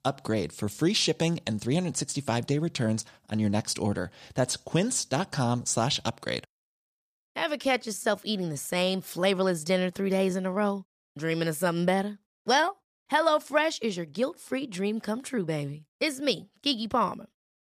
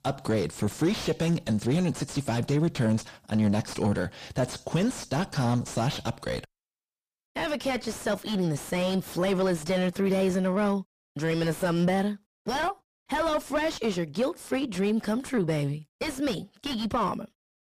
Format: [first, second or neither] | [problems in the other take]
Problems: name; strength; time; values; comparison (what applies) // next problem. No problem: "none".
first | distortion; heavy; 5 dB below the speech